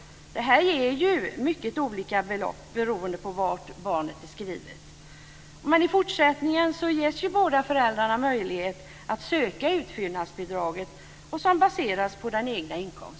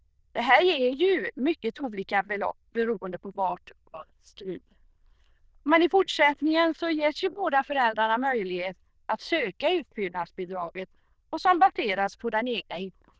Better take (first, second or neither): first